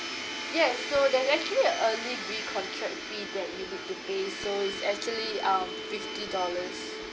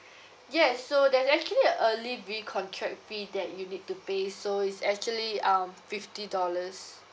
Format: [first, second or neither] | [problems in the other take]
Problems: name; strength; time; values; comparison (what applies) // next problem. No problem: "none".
second | background sound (Domestic sounds, home sounds); 6 dB below the speech